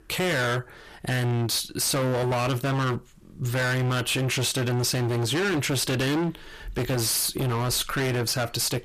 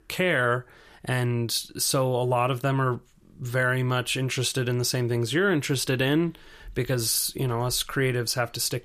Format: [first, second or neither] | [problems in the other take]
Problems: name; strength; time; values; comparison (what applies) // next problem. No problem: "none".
second | distortion; heavy; 33% of the sound clipped